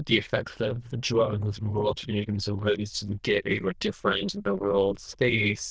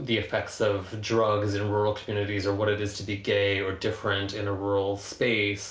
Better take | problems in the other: second | noise reduction (neural diffusion model UNIVERSE++)

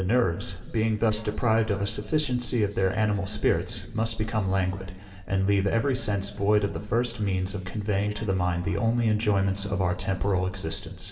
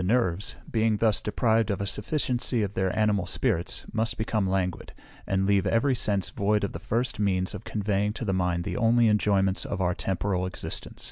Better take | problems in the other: second | noise reduction (neural separator model SepFormer DNS4)

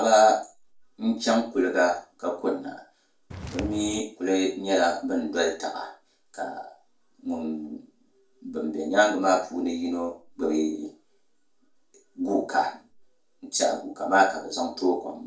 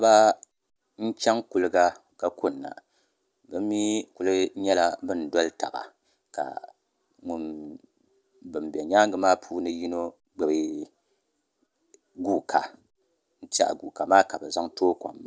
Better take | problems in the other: second | background sound (Walk, footsteps); 10 dB below the speech // room echo; dies away in 0.3 s

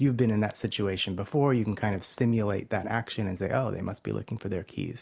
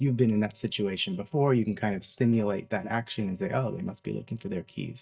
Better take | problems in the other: first | noise reduction (neural mask model DeepFilterNet 3)

